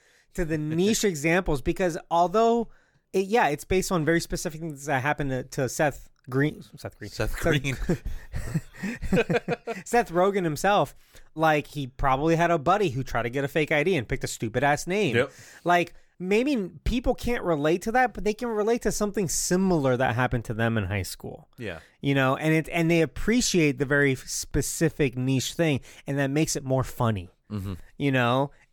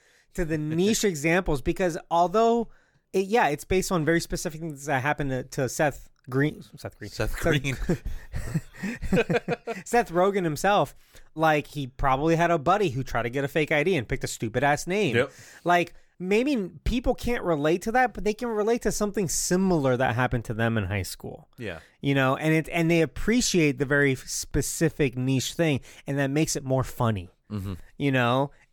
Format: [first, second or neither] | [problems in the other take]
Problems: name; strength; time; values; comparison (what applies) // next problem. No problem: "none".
neither | none